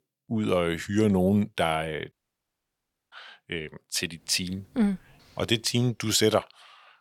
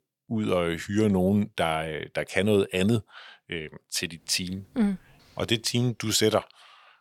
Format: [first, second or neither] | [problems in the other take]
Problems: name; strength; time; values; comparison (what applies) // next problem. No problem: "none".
second | audio cutting out; at 2 s for 1 s